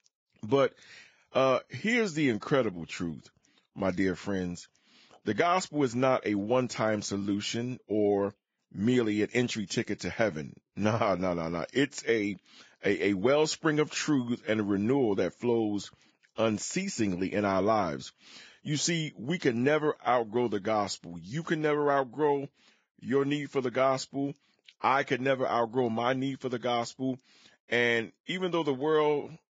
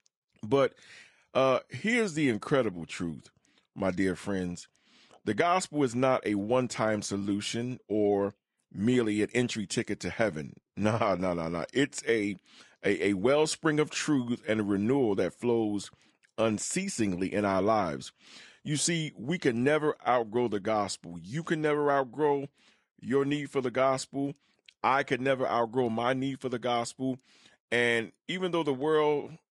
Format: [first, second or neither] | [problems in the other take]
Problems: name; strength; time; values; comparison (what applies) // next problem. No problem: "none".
second | garbled, watery; badly; nothing above 7.5 kHz; slightly in the second